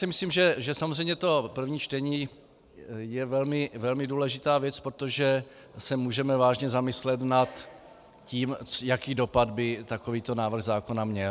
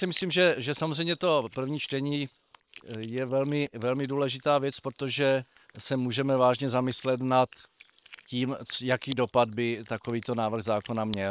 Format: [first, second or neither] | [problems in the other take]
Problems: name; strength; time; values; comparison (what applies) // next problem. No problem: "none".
first | noise reduction (neural separator model SepFormer WHAM!)